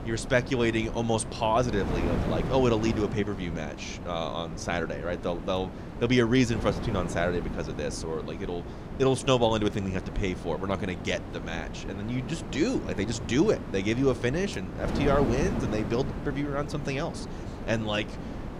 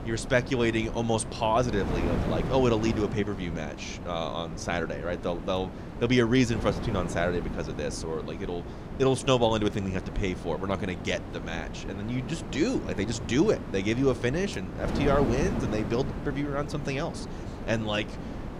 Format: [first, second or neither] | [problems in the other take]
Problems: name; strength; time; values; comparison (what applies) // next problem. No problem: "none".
neither | wind noise on the microphone; heavy; 10 dB below the speech; the same in both